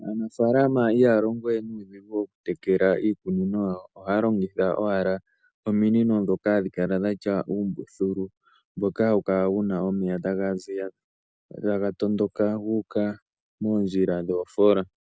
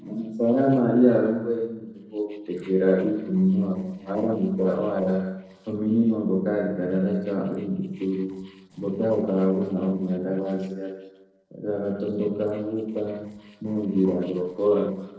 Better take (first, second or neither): first